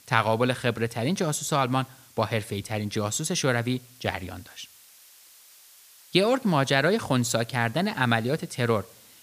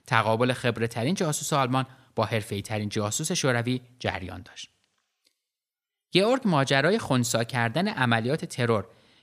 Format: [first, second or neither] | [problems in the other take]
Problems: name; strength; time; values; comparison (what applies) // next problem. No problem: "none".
second | hiss; faint; throughout; 25 dB below the speech